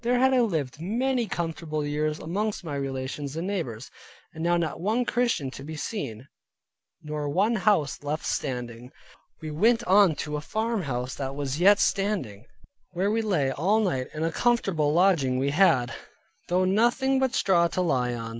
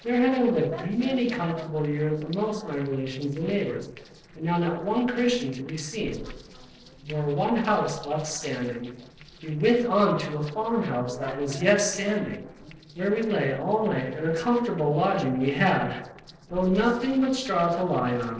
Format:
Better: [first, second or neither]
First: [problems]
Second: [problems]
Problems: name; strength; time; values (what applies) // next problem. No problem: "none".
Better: first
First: none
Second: noise reduction (neural separator model SepFormer DNS4)